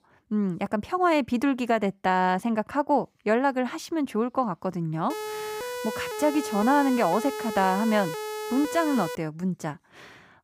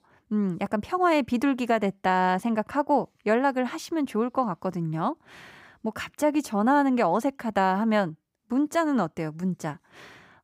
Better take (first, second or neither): second